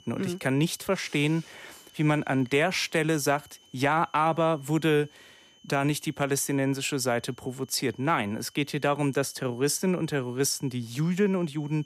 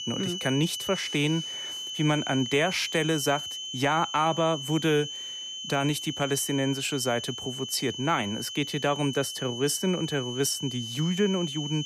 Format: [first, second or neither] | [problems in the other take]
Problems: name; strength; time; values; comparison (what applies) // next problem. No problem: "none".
first | high-pitched whine; loud; throughout; 3 kHz, 6 dB below the speech; faint in the first